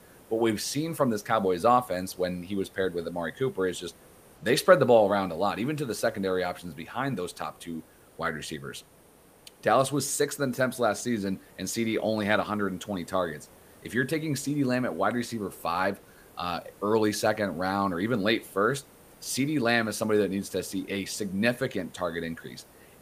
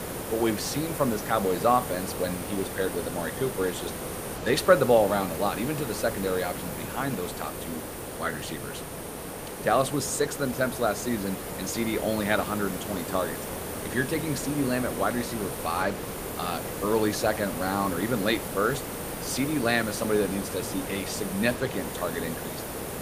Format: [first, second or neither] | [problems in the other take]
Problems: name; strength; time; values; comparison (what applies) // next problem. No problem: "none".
first | hiss; loud; throughout; 6 dB below the speech; faint in the first